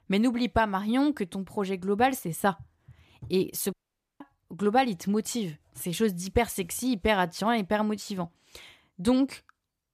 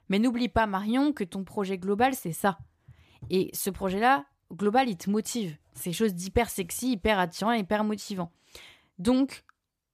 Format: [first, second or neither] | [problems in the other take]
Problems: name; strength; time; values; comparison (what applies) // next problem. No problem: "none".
second | audio cutting out; at 3.5 s